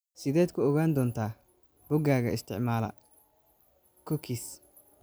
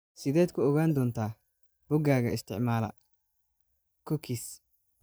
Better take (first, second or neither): first